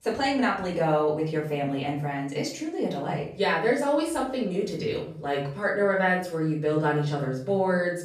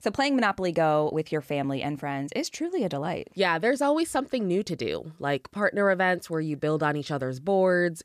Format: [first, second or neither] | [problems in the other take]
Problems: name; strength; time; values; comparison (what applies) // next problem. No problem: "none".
second | room echo; noticeable; dies away in 0.5 s // off-mic speech; far